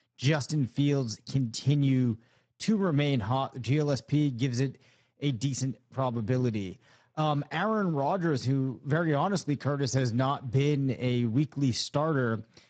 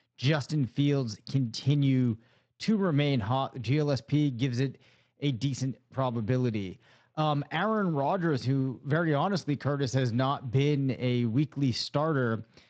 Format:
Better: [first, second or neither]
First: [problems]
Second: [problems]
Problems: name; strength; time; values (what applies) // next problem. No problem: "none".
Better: second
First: garbled, watery; badly; nothing above 7.5 kHz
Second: garbled, watery; slightly